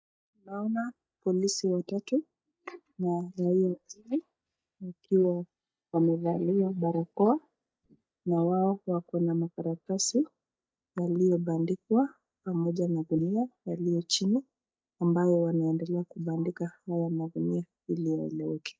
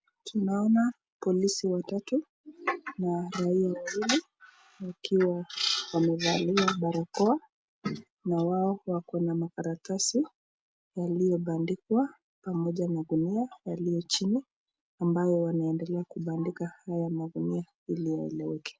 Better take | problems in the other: second | noise reduction (neural mask model DeepFilterNet 3)

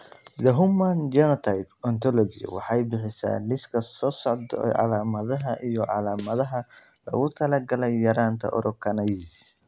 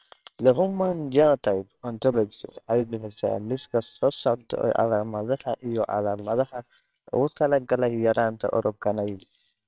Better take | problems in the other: first | noise reduction (neural separator model SepFormer WHAMR!)

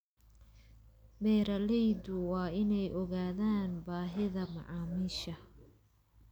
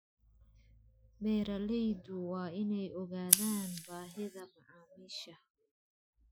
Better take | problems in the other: first | noise reduction (classical method Wiener filter)

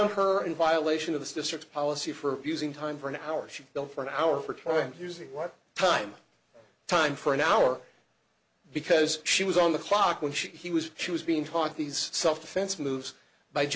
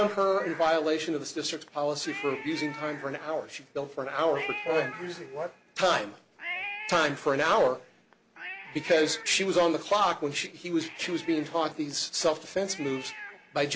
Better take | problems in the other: first | background sound (Cat); 14 dB below the speech

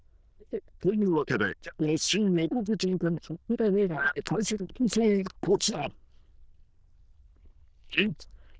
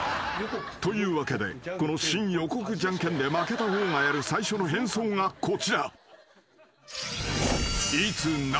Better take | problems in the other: second | noise reduction (neural diffusion model UNIVERSE++)

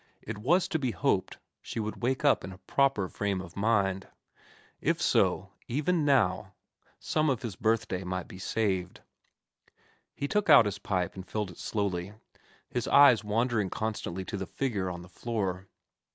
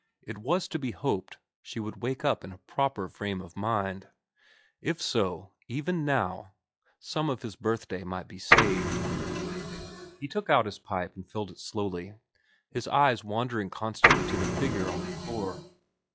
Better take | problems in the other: first | noise reduction (classical method log-MMSE)

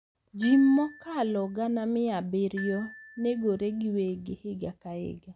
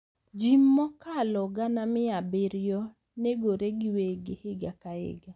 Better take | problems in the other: second | background sound (Glockenspiel); 18 dB below the speech

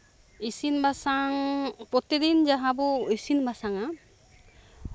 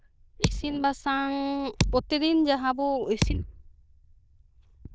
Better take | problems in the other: first | noise reduction (neural diffusion model UNIVERSE++)

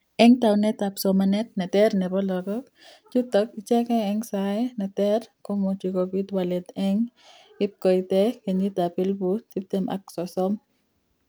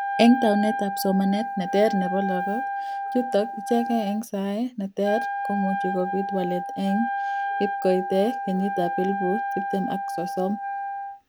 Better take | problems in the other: first | background sound (Wind instrument, woodwind instrument); 4 dB below the speech

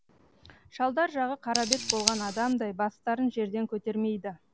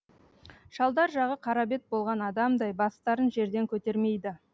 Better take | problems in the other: second | background sound (Scissors); 7 dB below the speech

